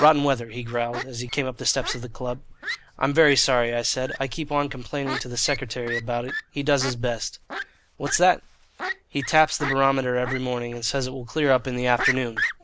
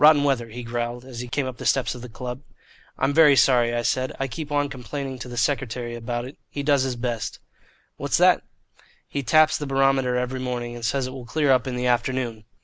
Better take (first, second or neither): second